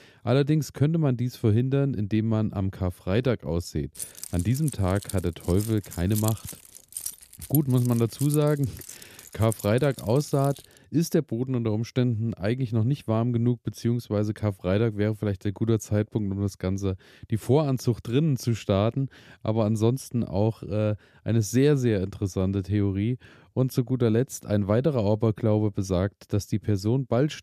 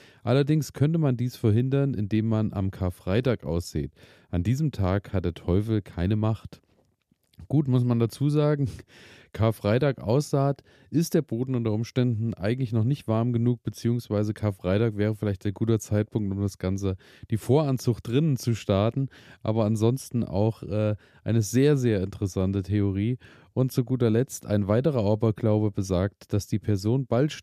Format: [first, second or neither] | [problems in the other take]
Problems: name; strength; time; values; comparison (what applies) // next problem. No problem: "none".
second | jangling keys; noticeable; from 4 to 11 s; peak 8 dB below the speech